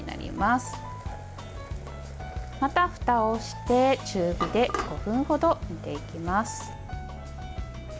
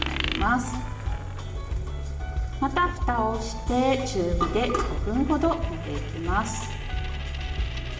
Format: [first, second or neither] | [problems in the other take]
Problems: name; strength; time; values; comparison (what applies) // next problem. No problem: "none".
first | background sound (Coin (dropping)); 15 dB below the speech // room echo; dies away in 0.8 s